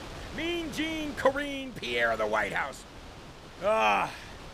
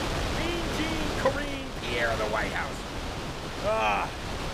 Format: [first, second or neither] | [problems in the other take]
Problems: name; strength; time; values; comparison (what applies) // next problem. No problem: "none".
first | wind noise on the microphone; heavy; 4 dB below the speech; occasional gusts in the first